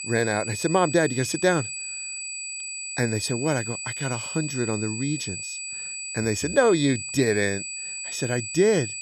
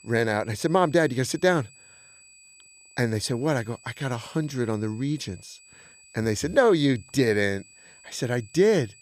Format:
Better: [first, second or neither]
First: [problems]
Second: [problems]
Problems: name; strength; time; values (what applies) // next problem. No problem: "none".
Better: second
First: high-pitched whine; loud; throughout; 2.5 kHz, 6 dB below the speech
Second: high-pitched whine; faint; throughout; 2.5 kHz, 25 dB below the speech